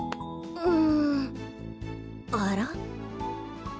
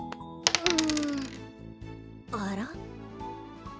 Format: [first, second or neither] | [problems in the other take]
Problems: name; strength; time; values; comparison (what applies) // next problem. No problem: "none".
first | background sound (Coin (dropping)); 4 dB above the speech